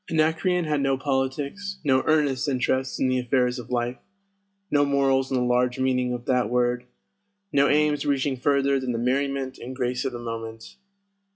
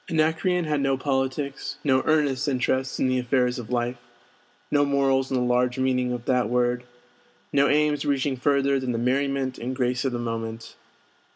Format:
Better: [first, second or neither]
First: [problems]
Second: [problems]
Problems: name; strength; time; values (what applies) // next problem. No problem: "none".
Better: second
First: noise reduction (classical method log-MMSE)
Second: none